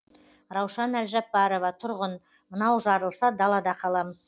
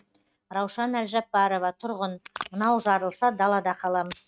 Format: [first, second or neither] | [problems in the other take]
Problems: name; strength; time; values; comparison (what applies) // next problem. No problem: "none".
first | noise reduction (neural mask model RNNoise)